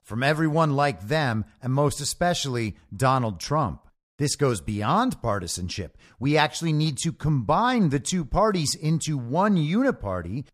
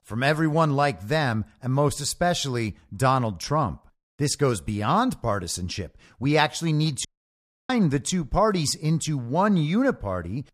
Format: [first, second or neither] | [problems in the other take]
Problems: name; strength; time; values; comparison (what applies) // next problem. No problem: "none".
first | audio cutting out; at 7 s for 0.5 s